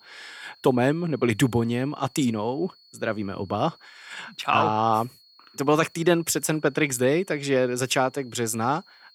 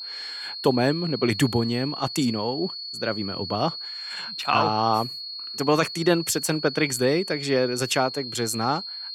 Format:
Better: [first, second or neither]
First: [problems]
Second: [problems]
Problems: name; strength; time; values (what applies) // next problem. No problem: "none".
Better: first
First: high-pitched whine; faint; throughout; 4.5 kHz, 30 dB below the speech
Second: high-pitched whine; loud; throughout; 4.5 kHz, 8 dB below the speech